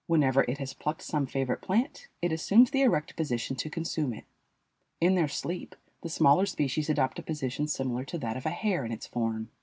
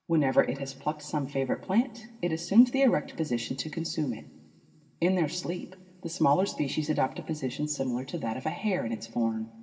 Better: first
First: none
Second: room echo; dies away in 2.9 s

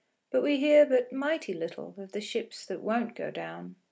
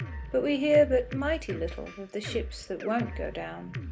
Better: first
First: none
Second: background sound (Drum kit); 9 dB below the speech

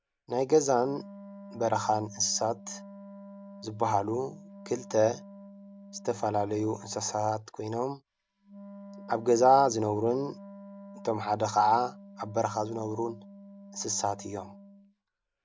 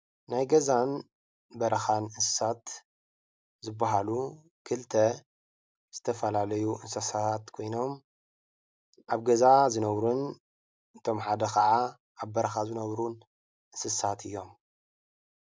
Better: second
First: background sound (Wind instrument, woodwind instrument); 18 dB below the speech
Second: none

